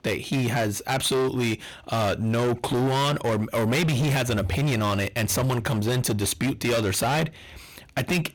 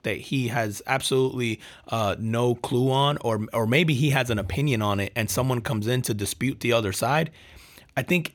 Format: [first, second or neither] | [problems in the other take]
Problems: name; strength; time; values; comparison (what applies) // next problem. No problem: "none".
second | distortion; heavy; 24% of the sound clipped